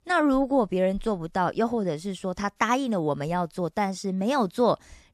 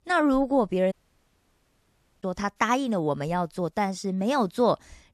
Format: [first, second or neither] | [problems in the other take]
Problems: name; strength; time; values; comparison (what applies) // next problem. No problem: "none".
first | audio cutting out; at 1 s for 1.5 s